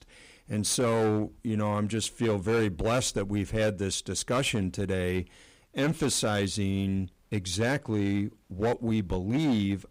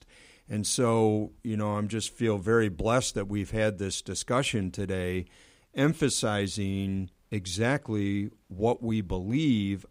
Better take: second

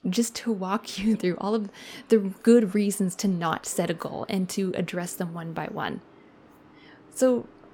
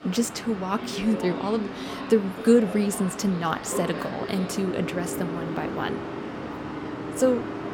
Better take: first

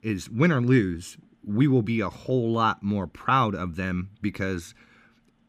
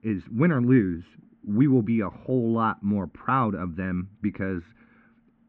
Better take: first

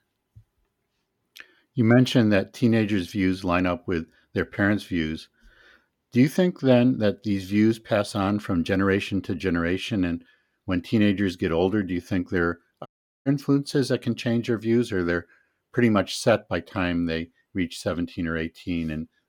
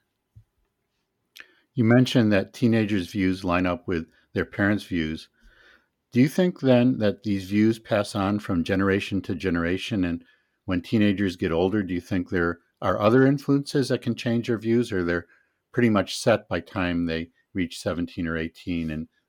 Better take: second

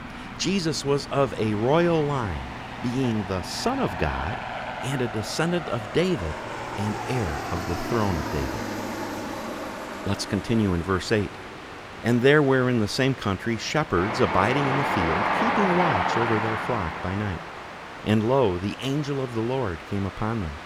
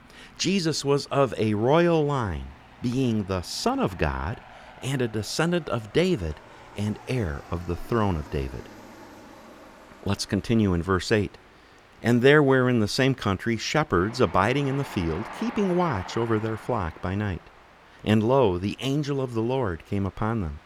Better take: second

